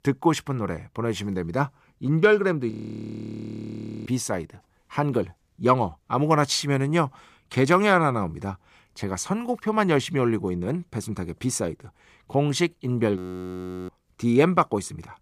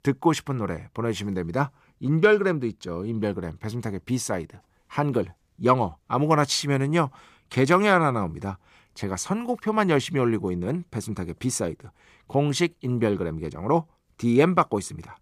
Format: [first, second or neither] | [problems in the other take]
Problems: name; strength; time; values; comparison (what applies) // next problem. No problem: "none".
second | audio freezing; at 2.5 s for 1.5 s and at 13 s for 0.5 s